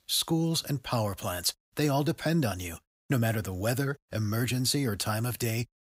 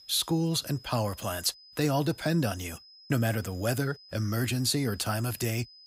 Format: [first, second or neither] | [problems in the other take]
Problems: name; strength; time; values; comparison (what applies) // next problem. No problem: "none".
first | high-pitched whine; faint; throughout; 5 kHz, 20 dB below the speech